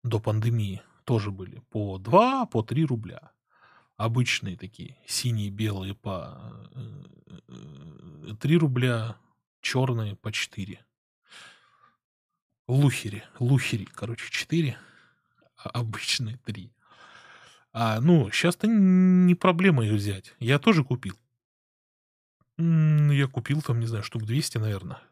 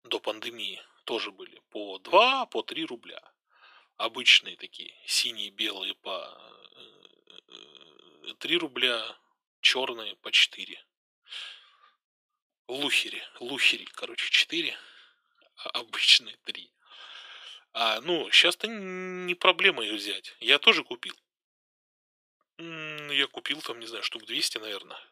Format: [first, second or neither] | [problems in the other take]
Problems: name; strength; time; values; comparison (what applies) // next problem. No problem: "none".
first | thin; very; fading below 350 Hz